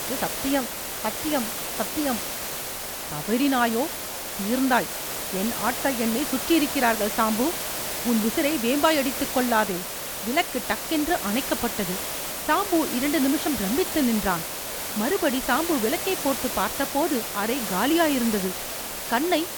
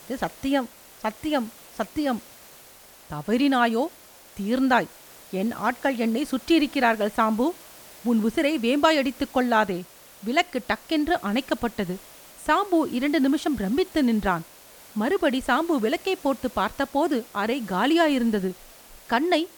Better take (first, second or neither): second